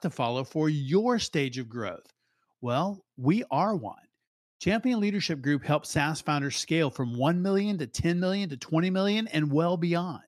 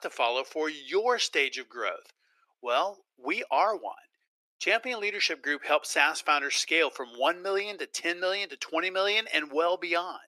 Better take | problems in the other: first | thin; very; fading below 400 Hz

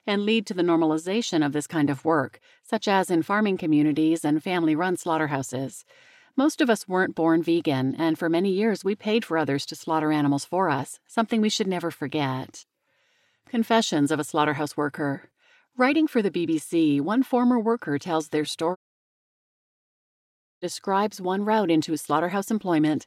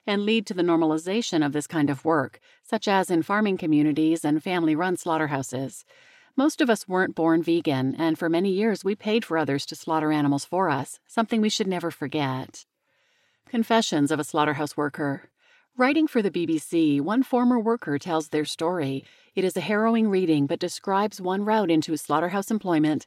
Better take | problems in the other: second | audio cutting out; at 19 s for 2 s

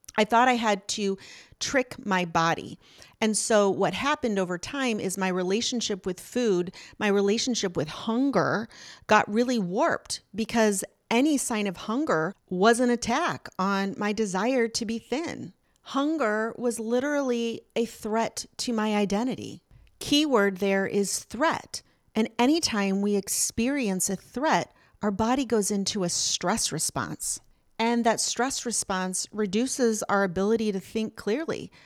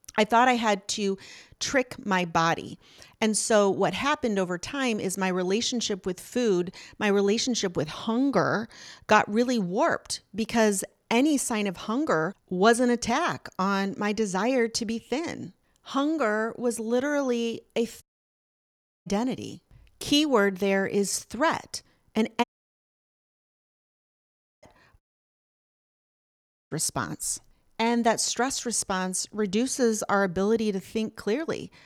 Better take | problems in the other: first | audio cutting out; at 18 s for 1 s, at 22 s for 2 s and at 25 s for 1.5 s

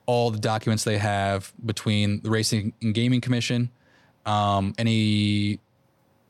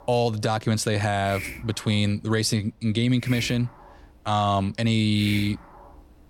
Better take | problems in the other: first | hiss; noticeable; throughout; 15 dB below the speech

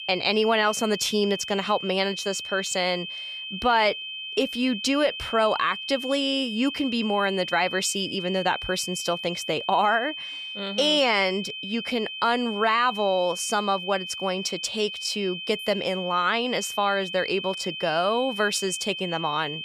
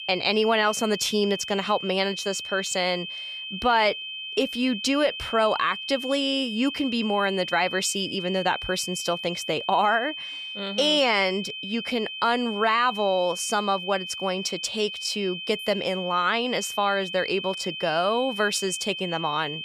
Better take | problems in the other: neither | high-pitched whine; loud; throughout; 3 kHz, 7 dB below the speech; the same in both

